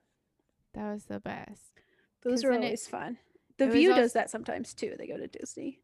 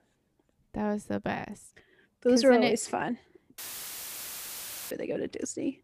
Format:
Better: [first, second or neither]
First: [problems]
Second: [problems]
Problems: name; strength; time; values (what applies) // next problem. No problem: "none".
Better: first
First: none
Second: audio cutting out; filled with static; at 3.5 s for 1.5 s